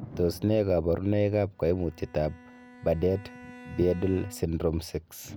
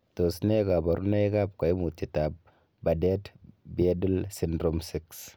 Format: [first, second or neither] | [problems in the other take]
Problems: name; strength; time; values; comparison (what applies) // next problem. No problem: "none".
second | background sound (Thunder + Bowed string instrument); 19 dB below the speech